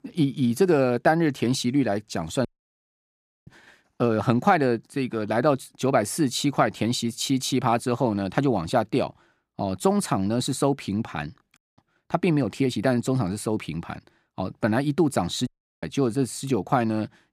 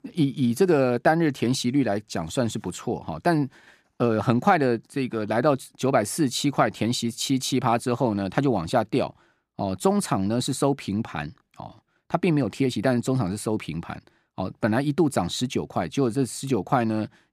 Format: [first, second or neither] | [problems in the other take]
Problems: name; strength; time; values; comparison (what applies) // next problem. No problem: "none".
second | audio cutting out; at 2.5 s for 1 s, at 12 s and at 15 s